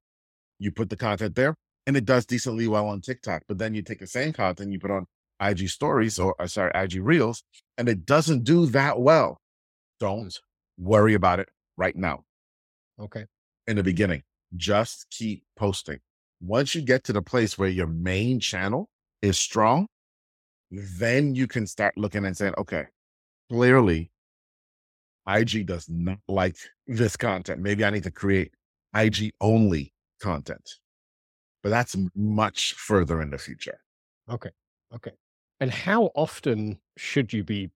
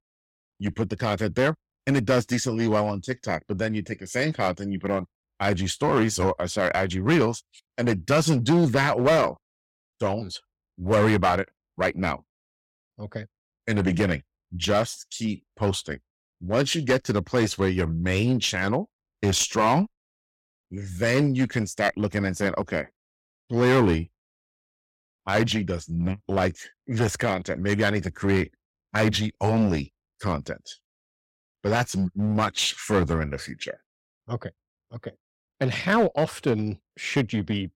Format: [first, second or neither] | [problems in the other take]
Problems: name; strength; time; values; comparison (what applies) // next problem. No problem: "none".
first | distortion; slight; 5% of the sound clipped